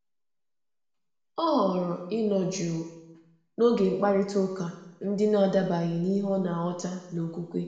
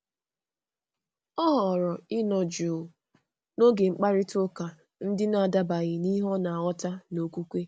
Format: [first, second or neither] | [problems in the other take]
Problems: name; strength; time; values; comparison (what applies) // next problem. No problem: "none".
second | room echo; dies away in 0.9 s